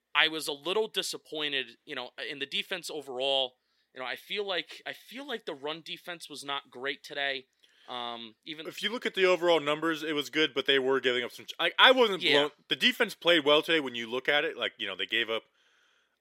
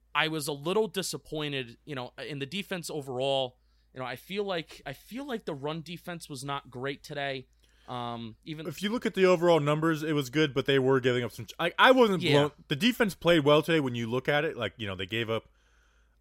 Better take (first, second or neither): second